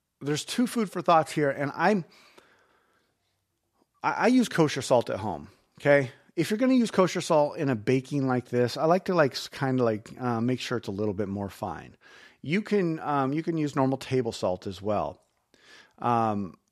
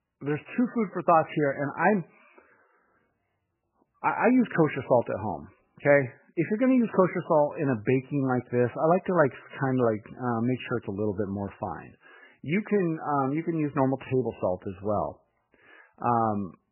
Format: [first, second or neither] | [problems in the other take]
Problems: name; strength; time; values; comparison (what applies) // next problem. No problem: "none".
first | garbled, watery; badly; nothing above 3 kHz